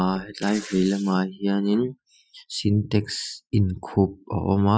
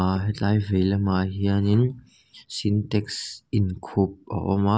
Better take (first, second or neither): second